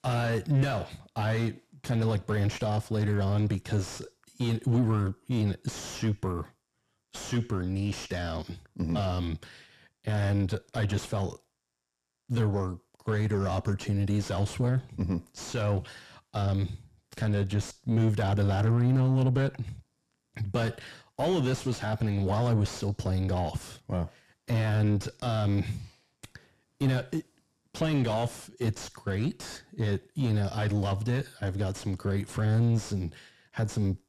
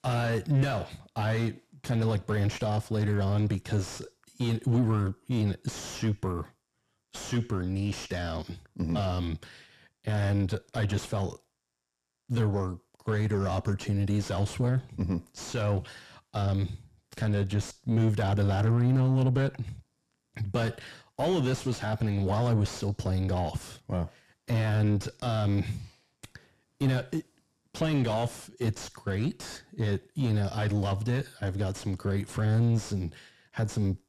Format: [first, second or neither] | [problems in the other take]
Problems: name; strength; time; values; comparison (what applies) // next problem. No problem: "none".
neither | distortion; heavy; 6 dB below the speech; the same in both